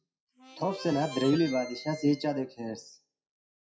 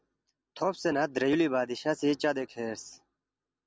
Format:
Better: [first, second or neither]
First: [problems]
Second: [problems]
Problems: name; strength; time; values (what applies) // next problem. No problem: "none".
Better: second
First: noise reduction (classical method WPE with log-MMSE)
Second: none